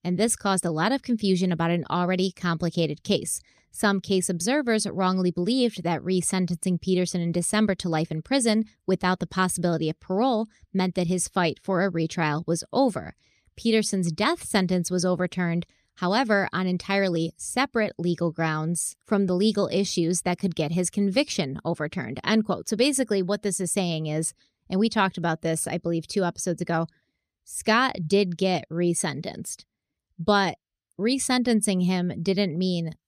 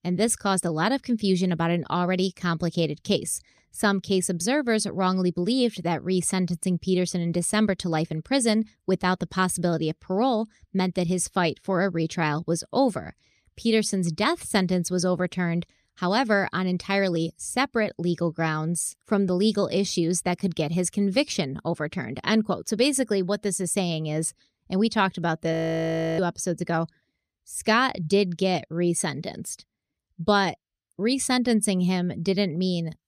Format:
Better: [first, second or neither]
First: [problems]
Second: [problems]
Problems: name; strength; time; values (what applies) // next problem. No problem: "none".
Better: first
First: none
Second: audio freezing; at 26 s for 0.5 s